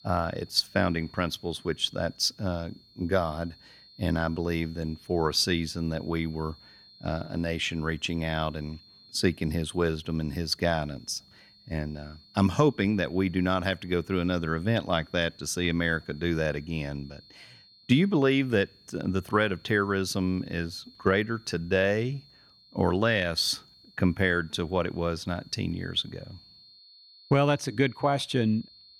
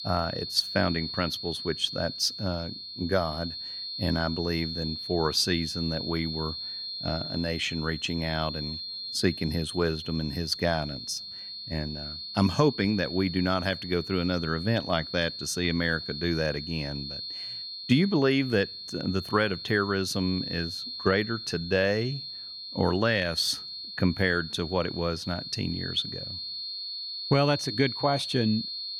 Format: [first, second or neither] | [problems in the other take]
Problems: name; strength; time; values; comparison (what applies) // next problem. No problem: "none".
first | high-pitched whine; loud; throughout; 4.5 kHz, 7 dB below the speech; faint in the first